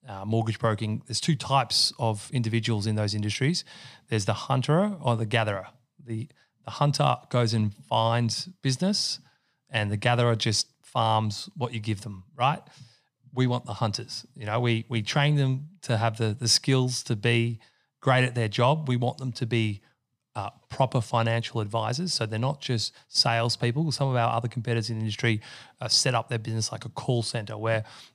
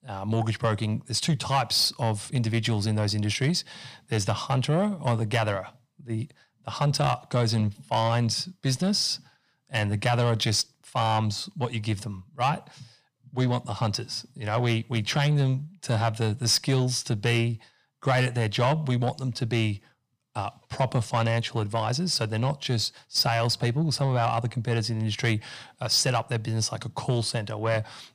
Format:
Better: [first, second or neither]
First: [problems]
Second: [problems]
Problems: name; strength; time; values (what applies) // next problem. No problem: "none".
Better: first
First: none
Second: distortion; slight; 10 dB below the speech